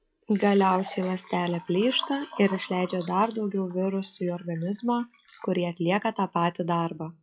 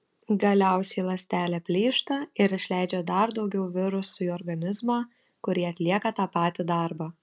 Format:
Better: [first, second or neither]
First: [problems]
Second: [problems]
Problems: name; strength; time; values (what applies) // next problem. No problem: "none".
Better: second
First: noise reduction (classical method log-MMSE)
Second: none